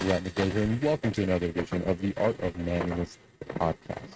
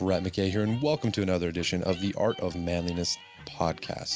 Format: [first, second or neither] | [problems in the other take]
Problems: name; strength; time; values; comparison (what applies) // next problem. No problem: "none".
second | noise reduction (neural mask model RNNoise)